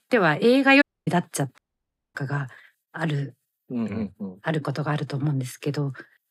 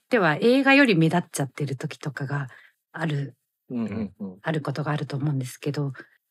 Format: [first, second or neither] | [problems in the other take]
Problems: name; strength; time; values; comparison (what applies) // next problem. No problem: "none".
second | audio cutting out; at 1 s and at 1.5 s for 0.5 s